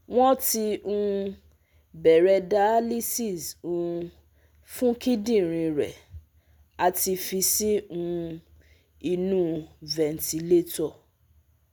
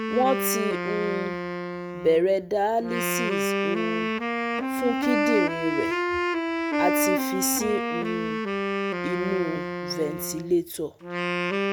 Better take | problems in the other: first | background sound (Wind instrument, woodwind instrument); 1 dB above the speech

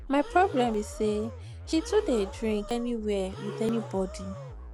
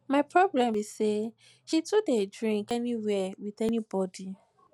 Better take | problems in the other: second | background sound (Musical instrument + Breathing); 11 dB below the speech

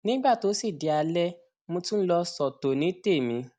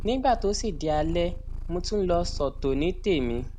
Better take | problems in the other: first | background sound (Purr); 6 dB below the speech

